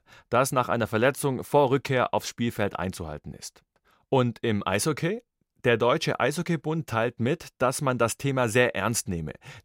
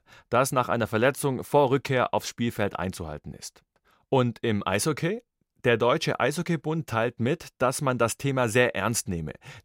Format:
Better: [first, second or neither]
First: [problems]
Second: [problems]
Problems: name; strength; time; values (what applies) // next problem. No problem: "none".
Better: neither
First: none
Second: none